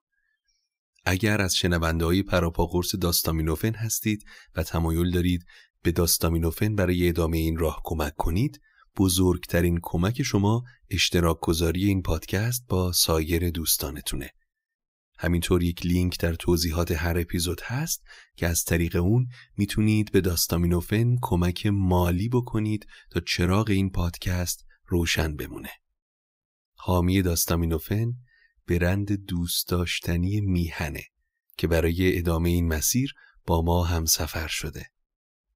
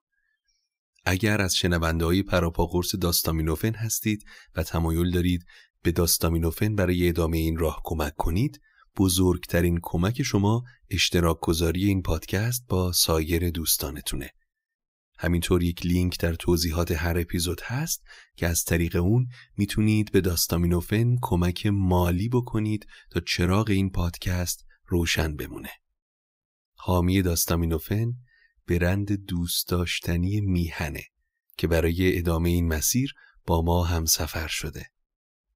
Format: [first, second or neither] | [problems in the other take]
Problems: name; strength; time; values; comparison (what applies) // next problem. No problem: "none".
neither | none